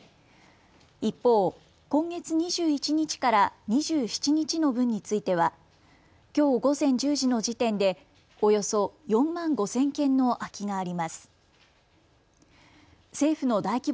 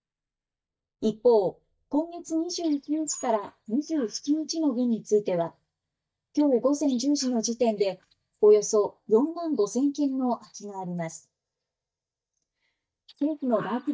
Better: first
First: none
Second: noise reduction (neural mask model DeepFilterNet 3)

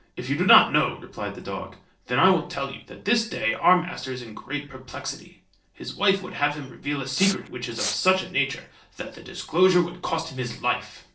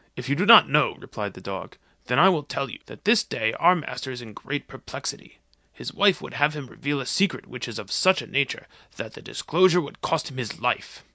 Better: second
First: noise reduction (neural separator model SepFormer DNS4)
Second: none

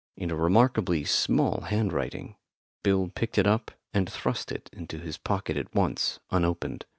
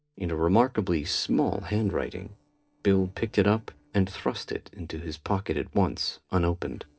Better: first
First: none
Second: noise reduction (neural separator model SepFormer DNS4)

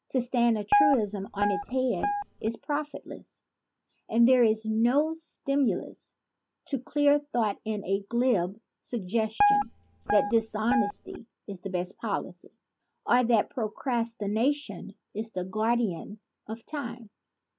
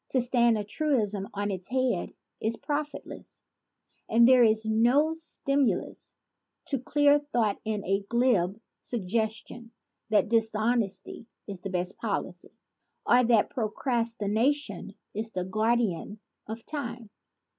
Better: second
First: background sound (Guitar); as loud as the speech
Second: none

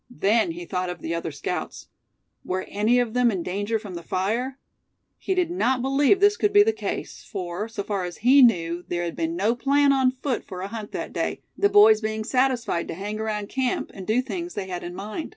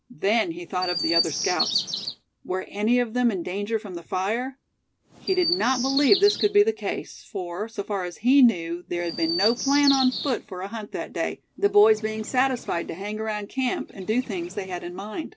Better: first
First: none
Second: background sound (Chirp, tweet); 9 dB below the speech

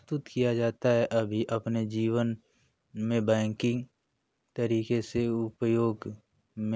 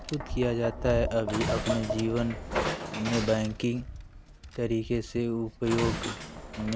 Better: first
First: none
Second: background sound (Train + Tap); 5 dB below the speech

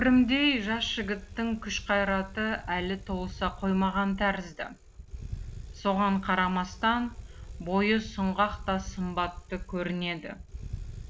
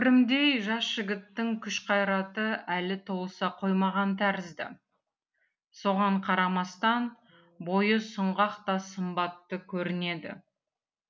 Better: second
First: background sound (Bicycle); 13 dB below the speech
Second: none

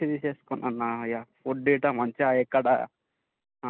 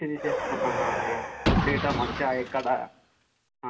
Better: first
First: none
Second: background sound (Car); 1 dB above the speech // room echo; dies away in 0.2 s

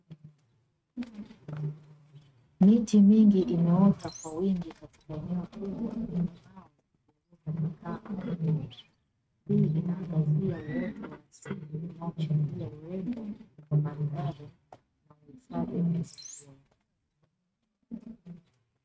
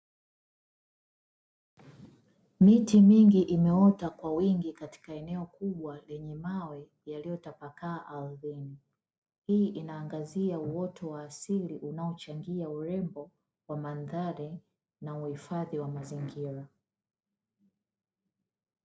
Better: second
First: noise reduction (neural mask model RNNoise)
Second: none

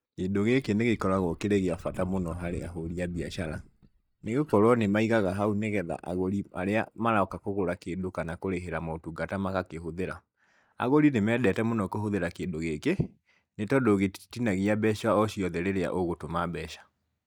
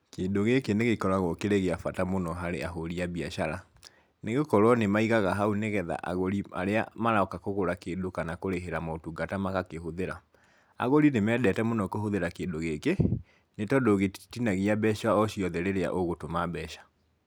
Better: second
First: noise reduction (neural mask model DeepFilterNet 3)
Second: none

